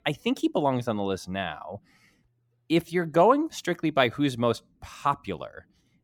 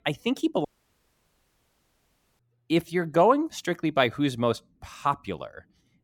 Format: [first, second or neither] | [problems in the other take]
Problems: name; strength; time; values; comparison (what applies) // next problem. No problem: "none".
first | audio cutting out; at 0.5 s for 1.5 s